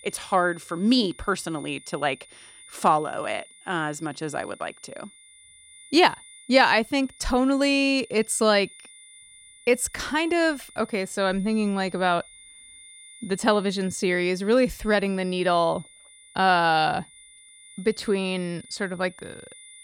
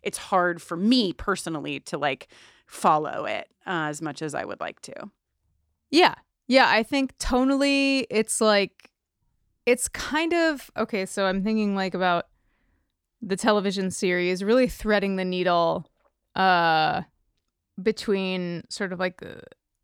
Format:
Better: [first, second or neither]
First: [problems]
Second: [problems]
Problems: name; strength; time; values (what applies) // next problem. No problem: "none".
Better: second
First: high-pitched whine; faint; throughout; 9.5 kHz, 25 dB below the speech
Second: none